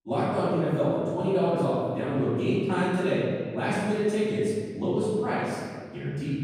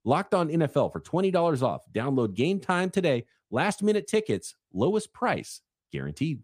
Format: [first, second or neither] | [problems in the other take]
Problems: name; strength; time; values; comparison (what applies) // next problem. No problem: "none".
second | off-mic speech; far // room echo; strong; dies away in 1.8 s